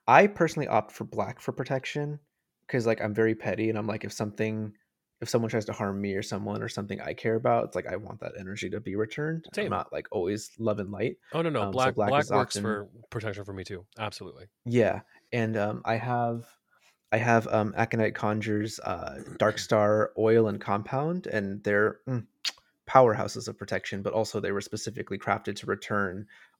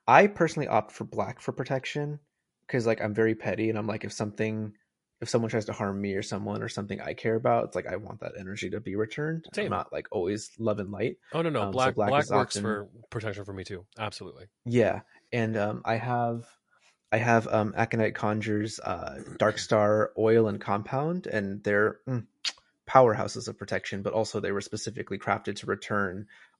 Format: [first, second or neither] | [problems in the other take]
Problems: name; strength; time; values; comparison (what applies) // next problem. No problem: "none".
first | garbled, watery; slightly; nothing above 9.5 kHz